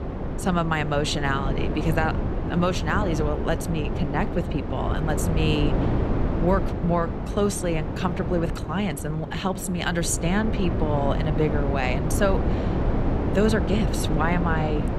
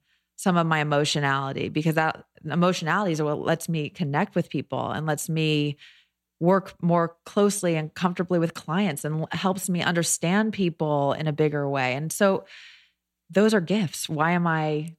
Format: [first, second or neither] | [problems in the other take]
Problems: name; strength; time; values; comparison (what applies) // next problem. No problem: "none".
second | wind noise on the microphone; heavy; 5 dB below the speech